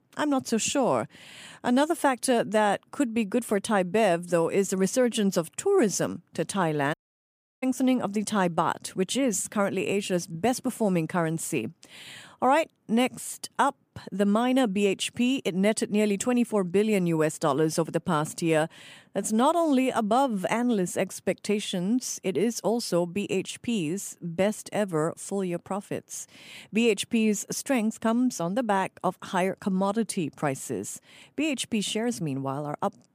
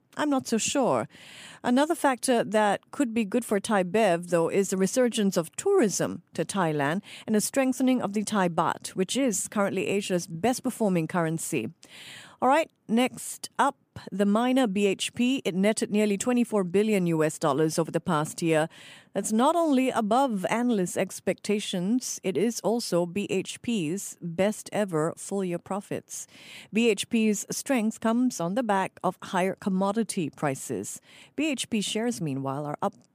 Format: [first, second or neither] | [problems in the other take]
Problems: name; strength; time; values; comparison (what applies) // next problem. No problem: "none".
second | audio cutting out; at 7 s for 0.5 s